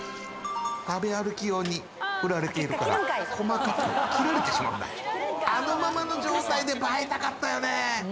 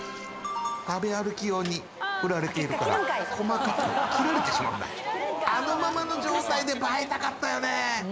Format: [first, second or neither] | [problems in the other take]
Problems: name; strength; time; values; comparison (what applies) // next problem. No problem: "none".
first | background sound (Motorcycle); 19 dB below the speech